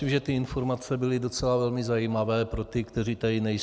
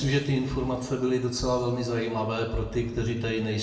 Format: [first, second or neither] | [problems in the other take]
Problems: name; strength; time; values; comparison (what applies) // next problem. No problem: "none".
first | room echo; dies away in 1 s